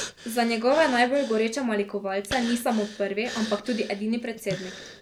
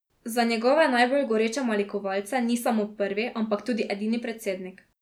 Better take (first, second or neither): second